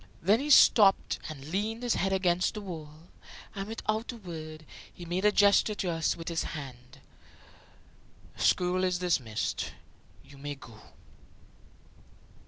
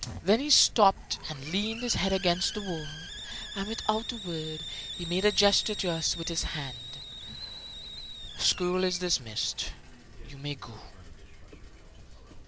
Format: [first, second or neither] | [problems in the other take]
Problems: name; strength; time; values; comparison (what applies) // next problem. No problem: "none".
first | background sound (Hiss); 11 dB below the speech